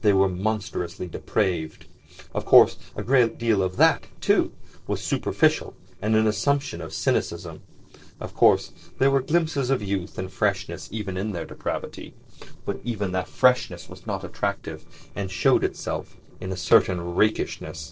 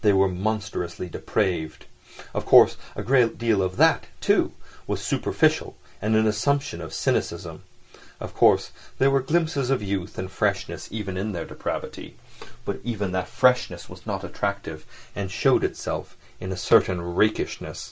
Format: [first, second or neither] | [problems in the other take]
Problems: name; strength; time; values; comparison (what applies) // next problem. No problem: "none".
second | noise reduction (neural separator model SepFormer DNS4)